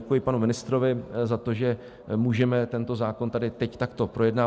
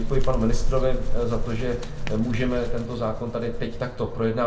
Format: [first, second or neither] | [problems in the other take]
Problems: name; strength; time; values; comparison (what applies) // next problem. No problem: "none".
first | background sound (Bird); 2 dB above the speech // room echo; dies away in 0.6 s